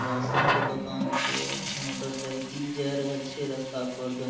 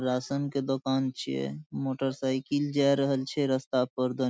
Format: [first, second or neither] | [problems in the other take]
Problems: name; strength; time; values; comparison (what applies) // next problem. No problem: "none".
second | background sound (Water tap, faucet); 1 dB above the speech // room echo; dies away in 0.9 s